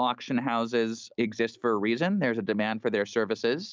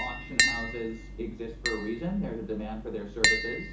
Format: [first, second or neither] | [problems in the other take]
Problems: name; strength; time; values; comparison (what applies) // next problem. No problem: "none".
first | background sound (Tap); 4 dB above the speech // room echo; dies away in 0.7 s